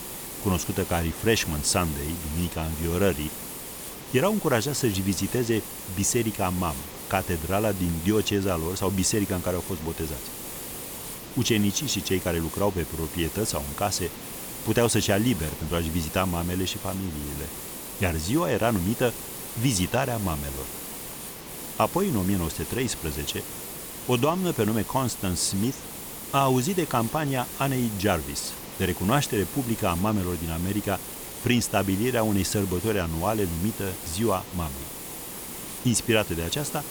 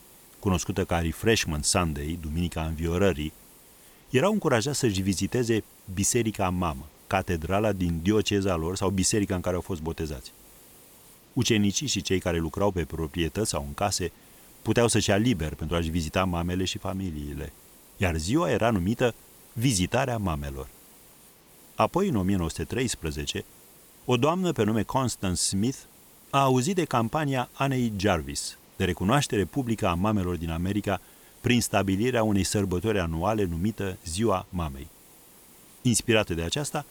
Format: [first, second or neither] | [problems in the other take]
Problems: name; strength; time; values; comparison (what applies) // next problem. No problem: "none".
second | hiss; loud; throughout; 8 dB below the speech; faint in the second